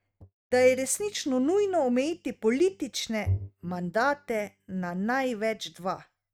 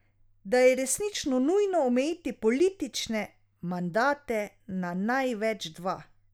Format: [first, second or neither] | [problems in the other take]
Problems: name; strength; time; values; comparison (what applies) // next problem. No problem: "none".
second | noise reduction (neural mask model RNNoise)